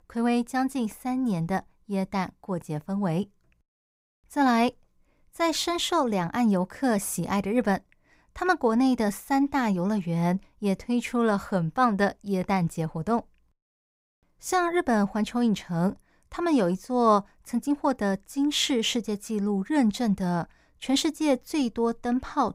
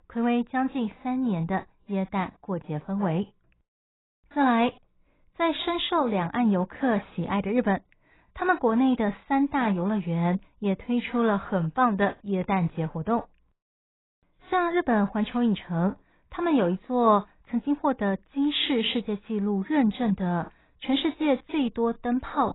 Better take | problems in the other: first | garbled, watery; badly; nothing above 4 kHz

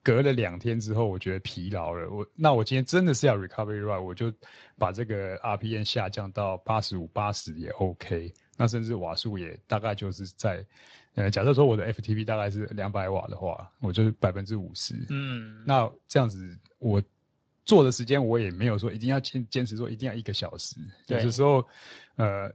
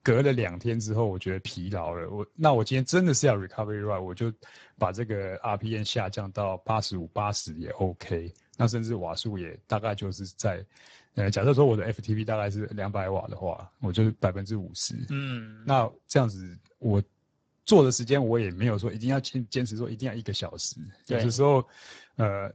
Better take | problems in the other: first | garbled, watery; badly; nothing above 7.5 kHz; slightly in the first

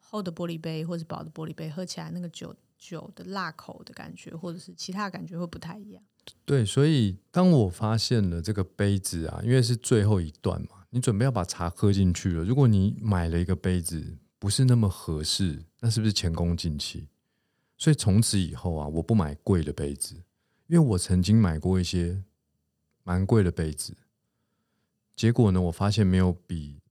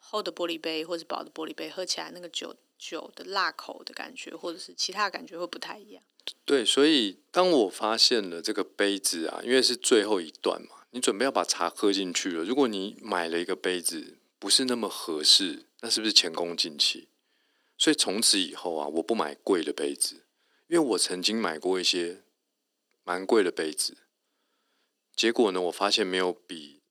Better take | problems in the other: first | thin; very; fading below 300 Hz

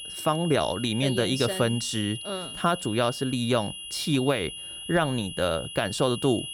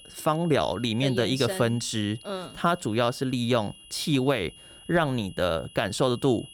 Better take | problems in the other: second | high-pitched whine; loud; throughout; 3 kHz, 9 dB below the speech; faint in the second

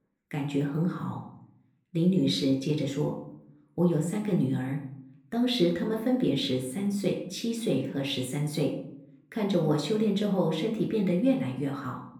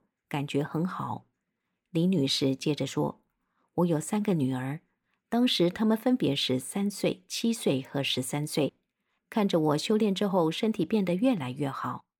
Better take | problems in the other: second | off-mic speech; somewhat distant // room echo; slight; dies away in 0.6 s

